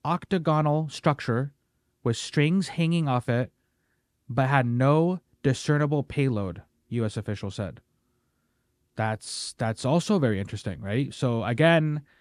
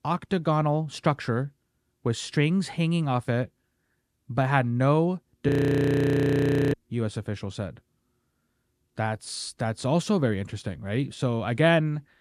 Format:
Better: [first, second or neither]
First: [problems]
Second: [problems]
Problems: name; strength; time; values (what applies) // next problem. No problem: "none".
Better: first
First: none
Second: audio freezing; at 5.5 s for 1 s